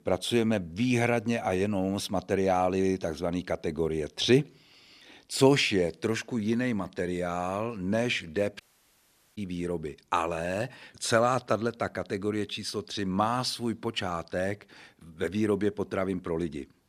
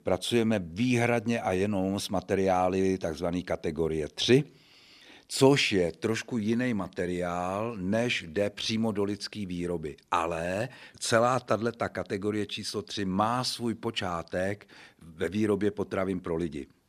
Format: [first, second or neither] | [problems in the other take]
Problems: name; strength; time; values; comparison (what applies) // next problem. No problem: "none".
second | audio cutting out; at 8.5 s for 1 s